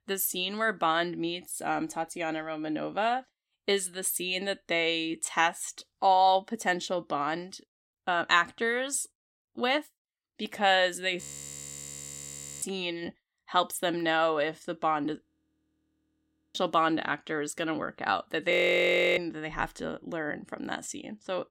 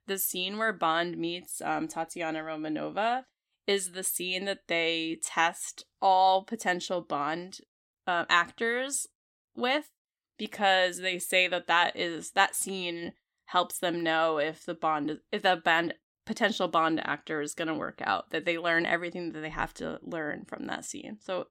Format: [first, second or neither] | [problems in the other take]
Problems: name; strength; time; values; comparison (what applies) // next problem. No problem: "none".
second | audio freezing; at 11 s for 1.5 s, at 15 s for 1.5 s and at 19 s for 0.5 s